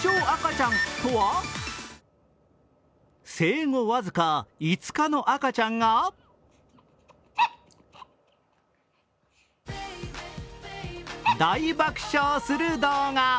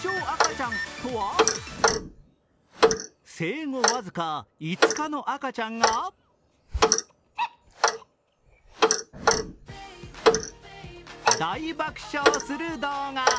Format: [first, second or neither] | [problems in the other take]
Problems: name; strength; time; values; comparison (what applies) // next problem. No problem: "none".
first | background sound (Clock); 5 dB above the speech